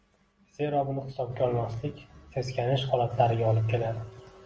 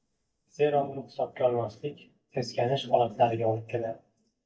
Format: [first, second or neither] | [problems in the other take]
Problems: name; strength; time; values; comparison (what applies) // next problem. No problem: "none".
first | noise reduction (neural mask model DeepFilterNet 3)